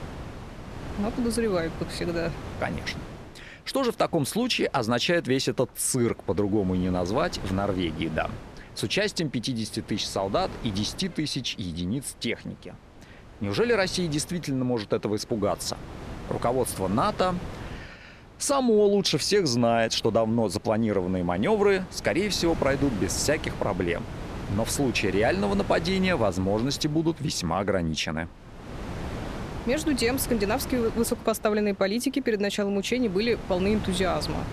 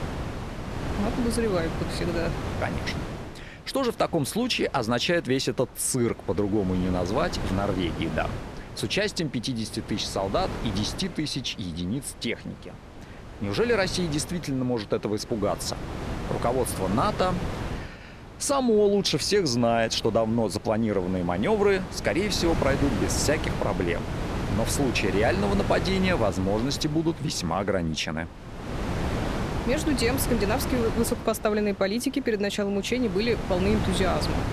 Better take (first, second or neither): first